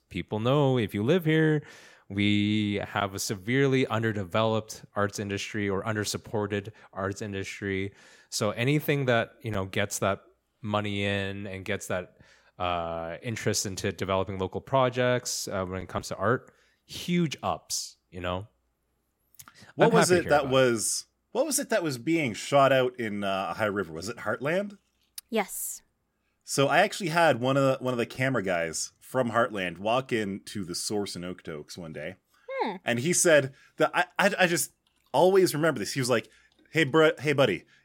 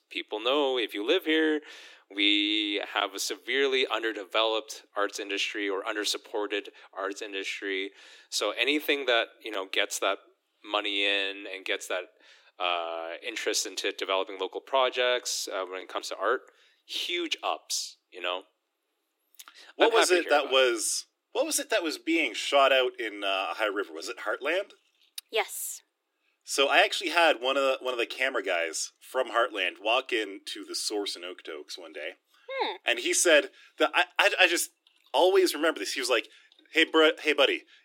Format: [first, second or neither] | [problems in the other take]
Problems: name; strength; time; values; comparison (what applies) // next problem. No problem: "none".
first | thin; somewhat; fading below 300 Hz